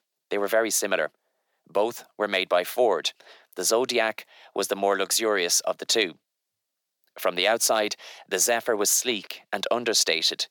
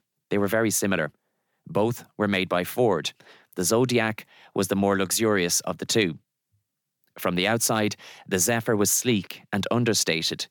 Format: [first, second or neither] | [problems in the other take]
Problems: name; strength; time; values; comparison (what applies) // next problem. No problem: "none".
second | thin; very; fading below 500 Hz